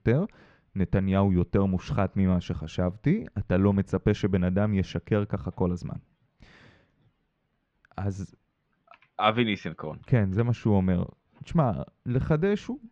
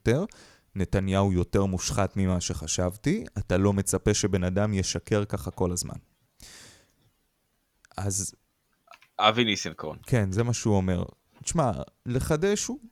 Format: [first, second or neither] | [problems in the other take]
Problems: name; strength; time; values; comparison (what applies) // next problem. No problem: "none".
second | muffled; very; fading above 3 kHz